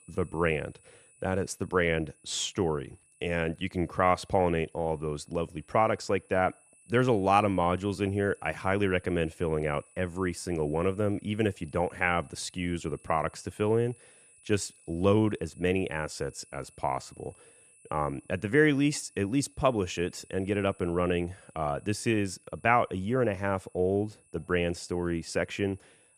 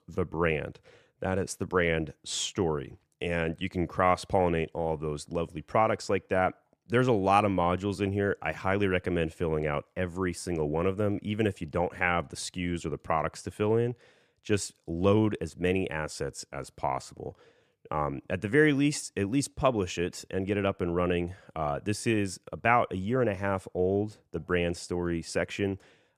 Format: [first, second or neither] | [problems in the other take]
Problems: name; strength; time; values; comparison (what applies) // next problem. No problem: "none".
second | high-pitched whine; faint; throughout; 10 kHz, 30 dB below the speech